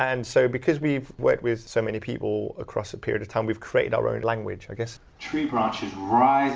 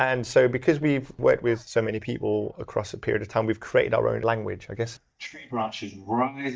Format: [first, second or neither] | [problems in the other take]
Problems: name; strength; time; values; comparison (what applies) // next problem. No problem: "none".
first | noise reduction (neural mask model DeepFilterNet 3)